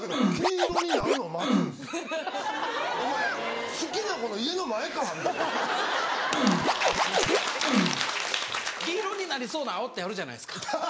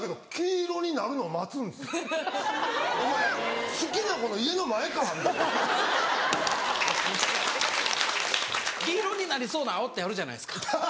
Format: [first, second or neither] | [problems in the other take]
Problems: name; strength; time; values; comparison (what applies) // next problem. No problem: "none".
second | background sound (Scratching (performance technique)); 1 dB above the speech